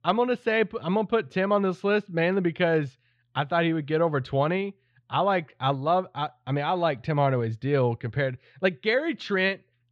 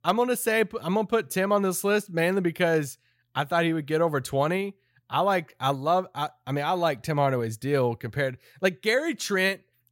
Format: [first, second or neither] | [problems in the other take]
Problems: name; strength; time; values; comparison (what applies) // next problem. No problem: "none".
second | muffled; slightly; fading above 3.5 kHz